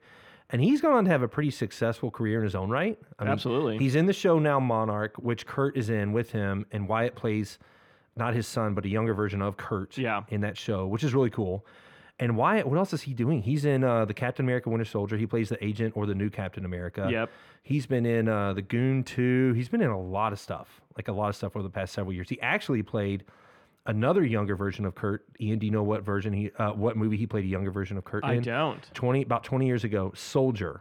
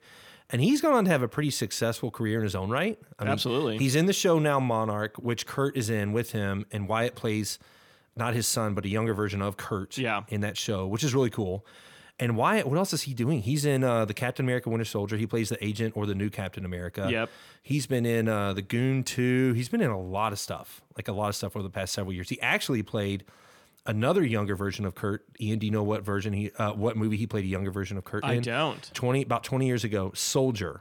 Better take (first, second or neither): second